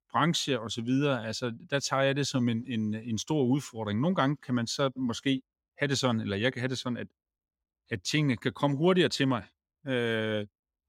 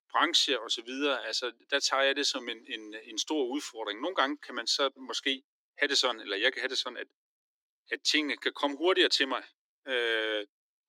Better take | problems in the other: first | thin; somewhat; fading below 300 Hz

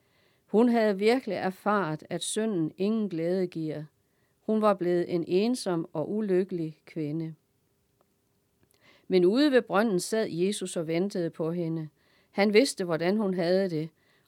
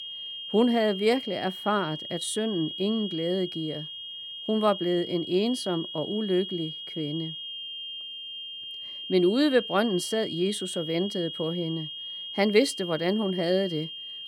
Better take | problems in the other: first | high-pitched whine; loud; throughout; 3.5 kHz, 8 dB below the speech

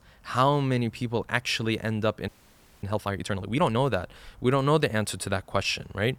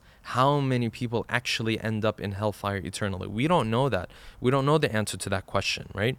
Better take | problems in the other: second | audio freezing; at 2.5 s for 0.5 s

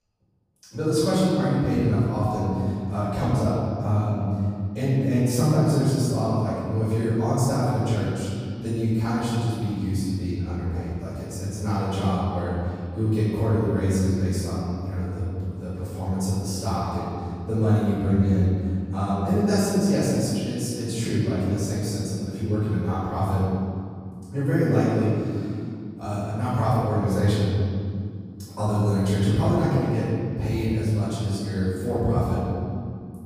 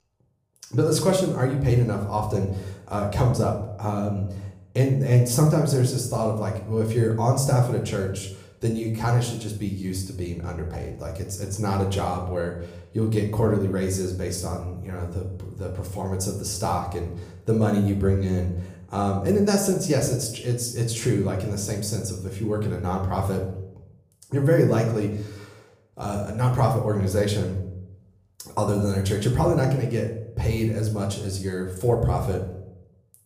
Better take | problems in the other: second | room echo; strong; dies away in 2.4 s; slight in the second // off-mic speech; far; somewhat distant in the second

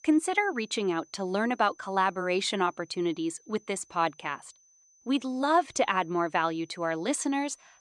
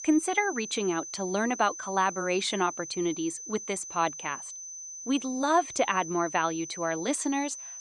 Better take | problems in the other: first | high-pitched whine; loud; throughout; 6 kHz, 9 dB below the speech; faint in the first

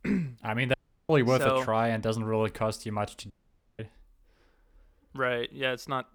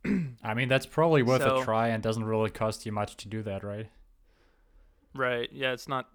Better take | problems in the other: second | audio cutting out; at 0.5 s and at 3.5 s

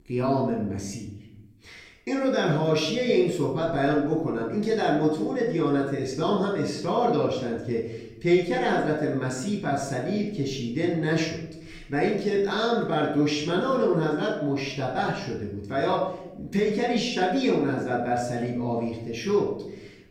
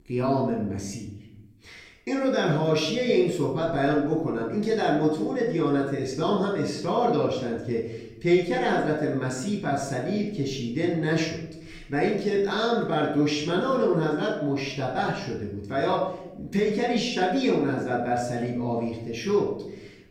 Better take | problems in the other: neither | off-mic speech; somewhat distant; the same in both // room echo; noticeable; dies away in 0.9 s; the same in both

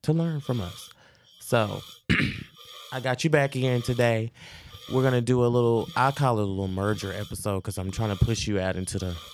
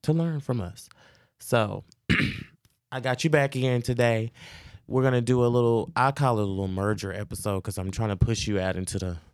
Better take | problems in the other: second | hiss; noticeable; throughout; 20 dB below the speech

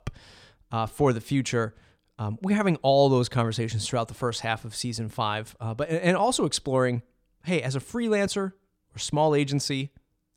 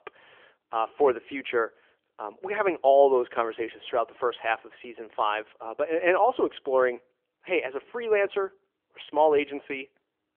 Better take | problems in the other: first | phone-call audio; nothing above 3.5 kHz

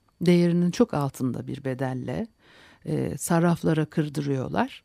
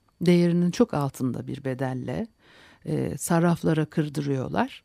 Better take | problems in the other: neither | none

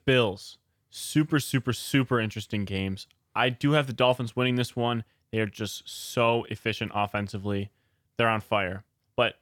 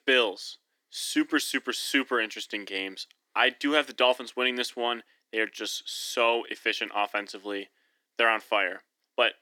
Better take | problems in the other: first | thin; somewhat; fading below 300 Hz

